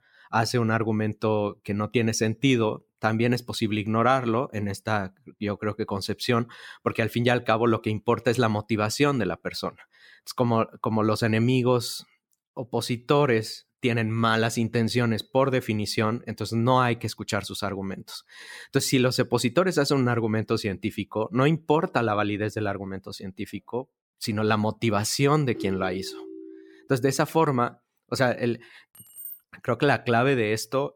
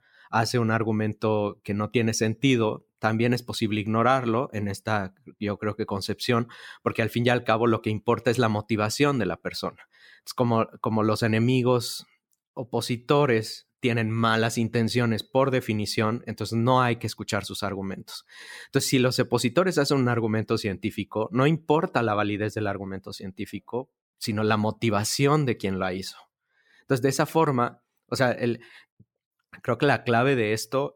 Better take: second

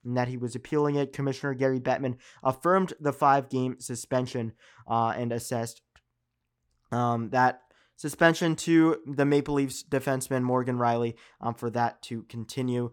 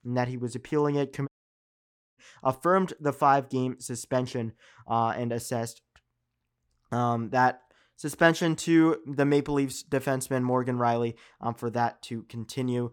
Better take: first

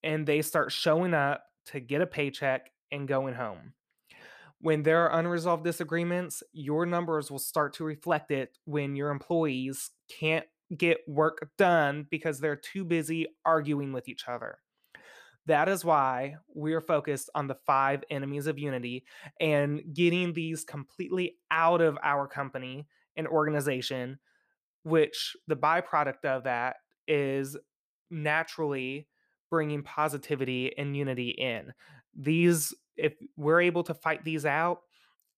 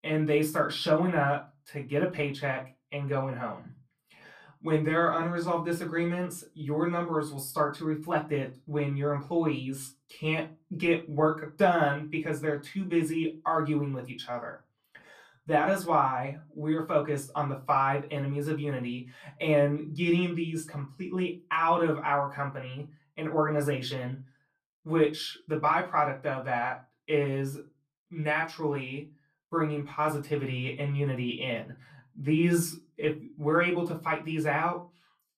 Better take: first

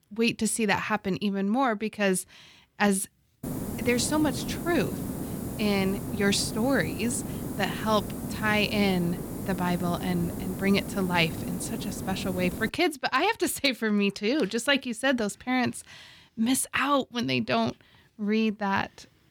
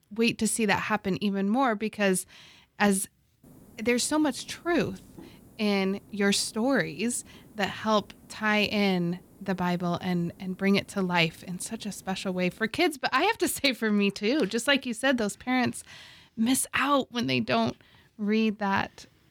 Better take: second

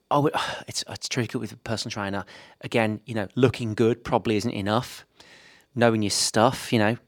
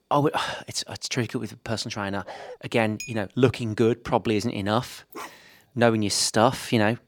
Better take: first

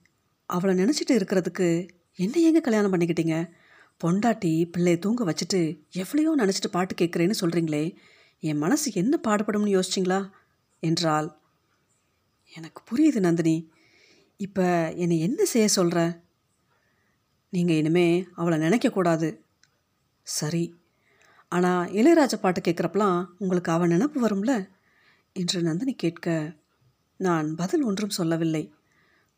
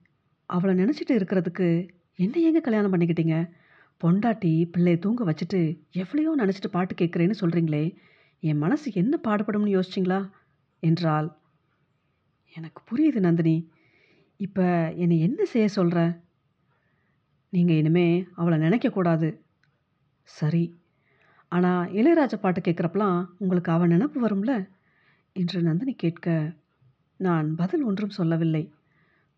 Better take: first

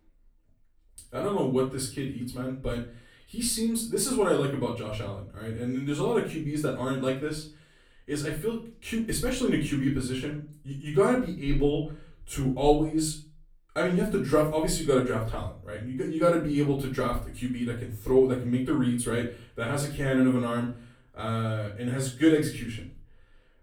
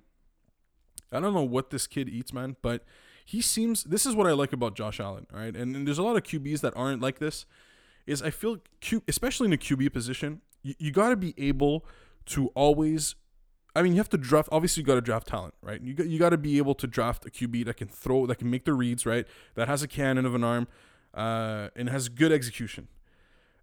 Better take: second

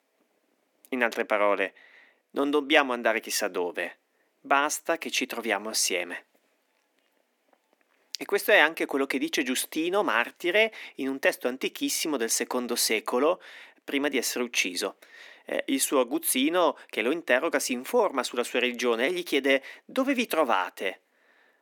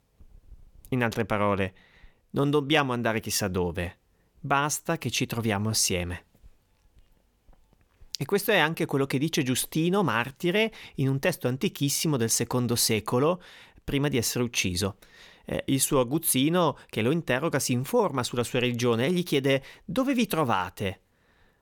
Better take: second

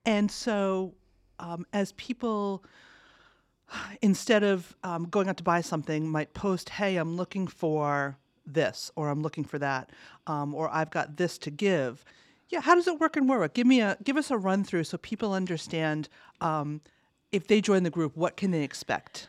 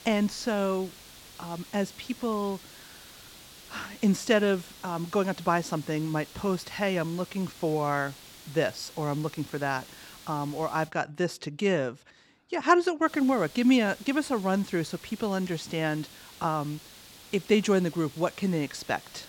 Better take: first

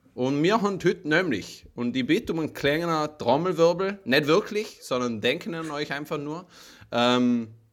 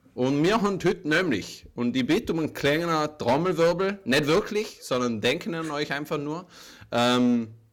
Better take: first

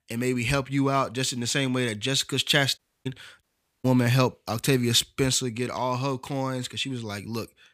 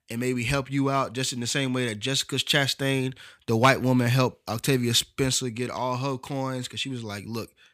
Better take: second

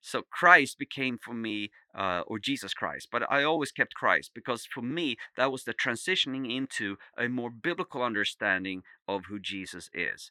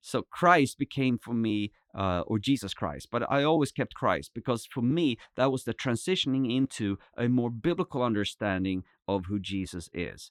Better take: second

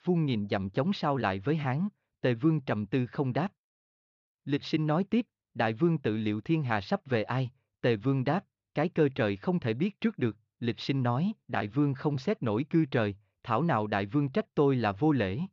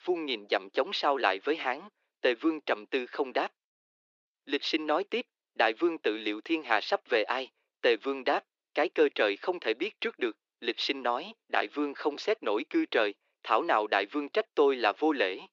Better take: first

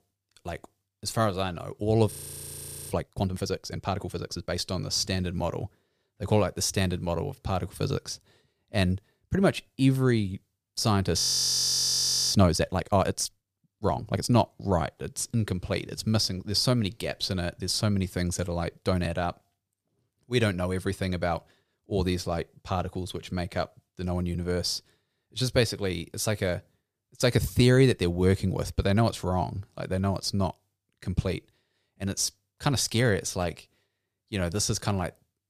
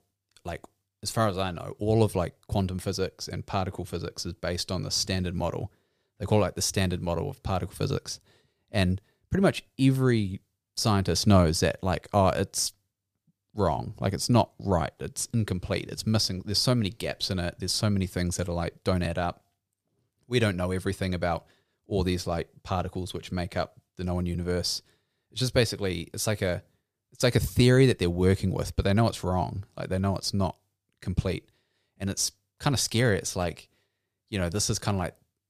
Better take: second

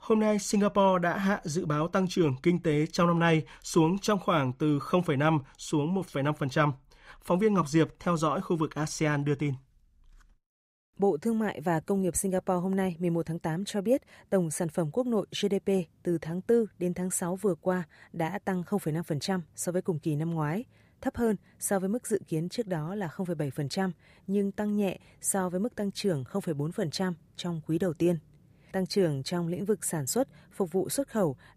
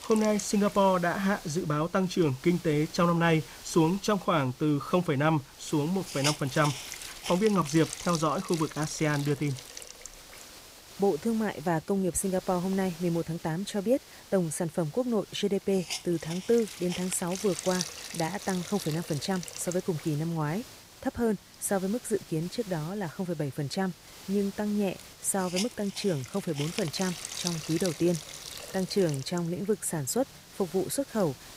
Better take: first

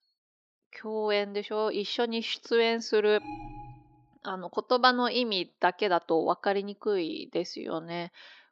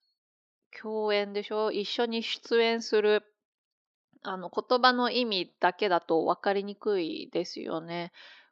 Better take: second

